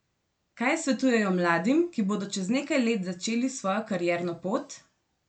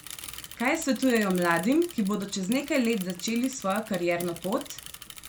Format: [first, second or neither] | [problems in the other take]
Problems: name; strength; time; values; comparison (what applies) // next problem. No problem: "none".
first | background sound (Mechanisms / Bicycle); 15 dB below the speech